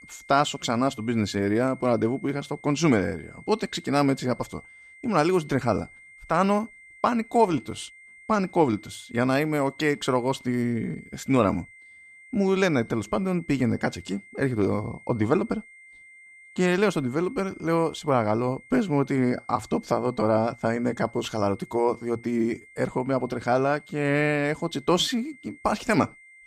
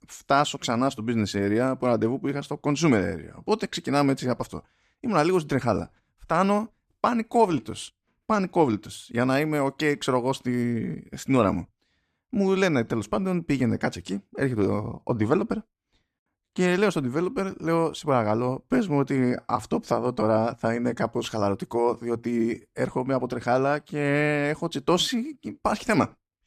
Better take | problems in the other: second | high-pitched whine; faint; throughout; 2 kHz, 25 dB below the speech

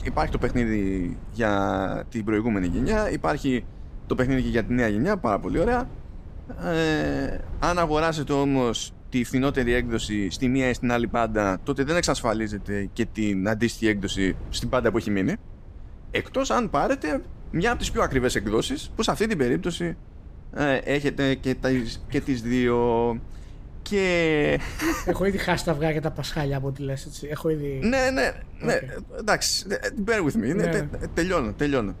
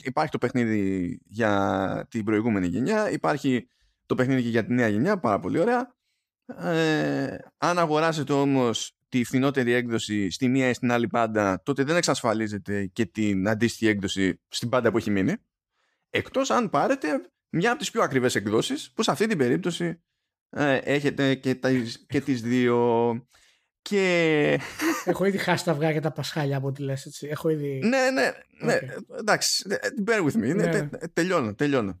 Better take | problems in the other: second | wind noise on the microphone; occasional gusts; 25 dB below the speech

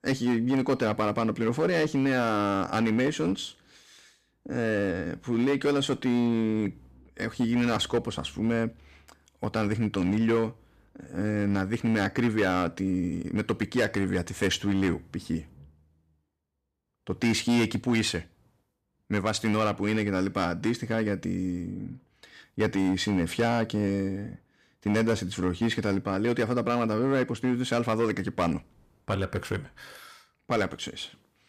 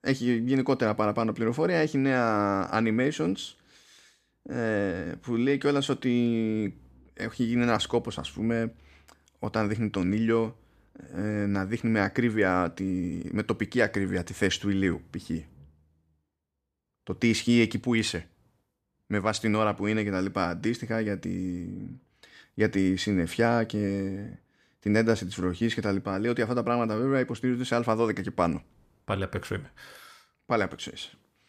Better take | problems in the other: second | distortion; slight; 6% of the sound clipped

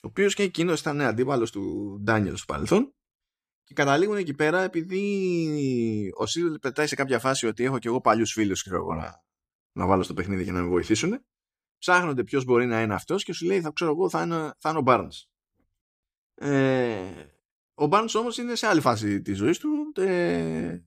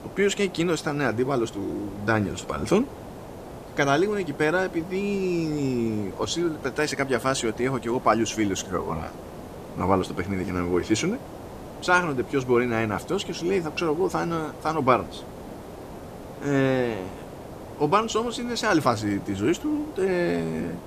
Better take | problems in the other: first | hiss; noticeable; throughout; 15 dB below the speech

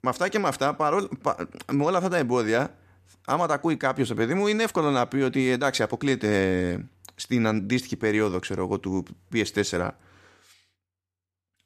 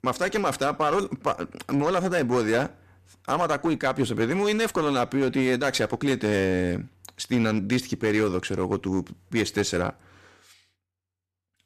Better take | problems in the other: first | distortion; slight; 7% of the sound clipped

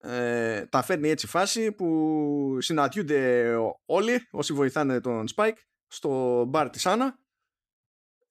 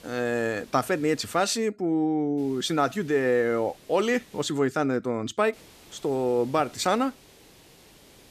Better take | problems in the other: first | hiss; faint; until 1.5 s, from 2.5 to 4.5 s and from 5.5 s on; 25 dB below the speech

